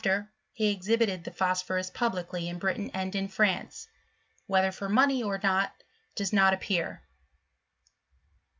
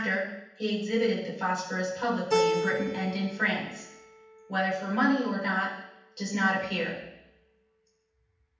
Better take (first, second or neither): first